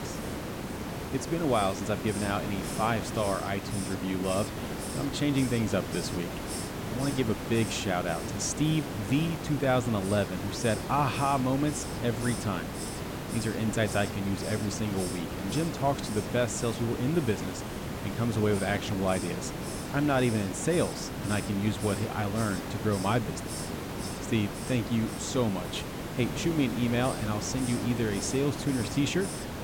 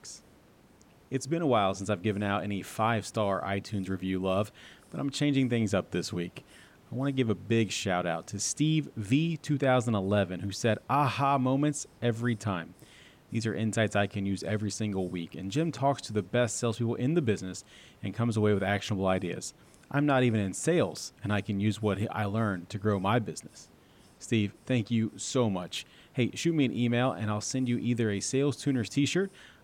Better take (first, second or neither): second